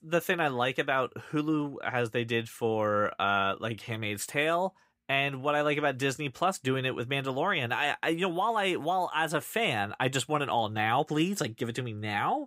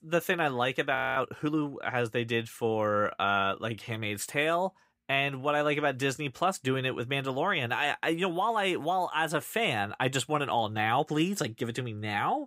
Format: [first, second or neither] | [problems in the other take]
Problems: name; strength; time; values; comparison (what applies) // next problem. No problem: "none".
first | audio freezing; at 1 s